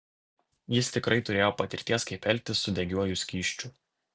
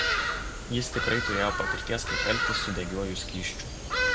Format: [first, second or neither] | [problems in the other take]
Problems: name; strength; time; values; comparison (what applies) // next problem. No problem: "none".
first | background sound (Bird vocalization, bird call, bird song); 3 dB above the speech